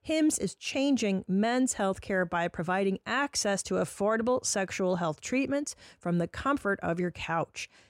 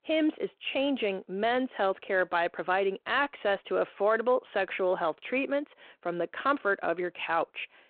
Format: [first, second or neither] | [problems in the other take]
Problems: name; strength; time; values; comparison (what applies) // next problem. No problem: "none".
first | phone-call audio